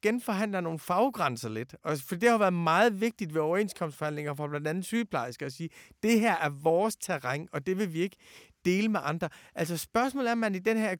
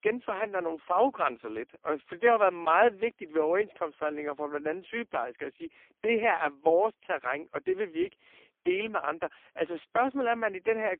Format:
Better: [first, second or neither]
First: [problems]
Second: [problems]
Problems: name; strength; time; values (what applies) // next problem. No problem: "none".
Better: first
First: none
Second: phone-call audio; poor line